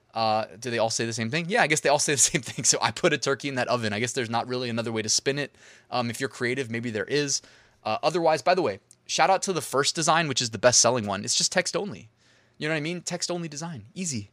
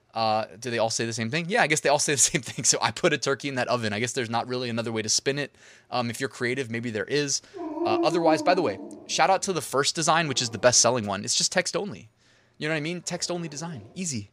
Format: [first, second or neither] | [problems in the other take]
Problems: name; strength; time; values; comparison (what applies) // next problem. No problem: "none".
first | dog barking; noticeable; from 7.5 to 10 s; peak 2 dB below the speech